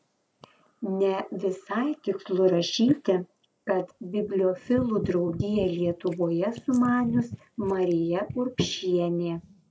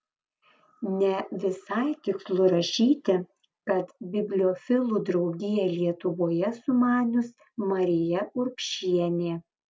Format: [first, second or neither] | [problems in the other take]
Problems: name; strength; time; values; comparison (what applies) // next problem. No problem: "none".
second | noise reduction (neural mask model Resemble Enhance denoiser)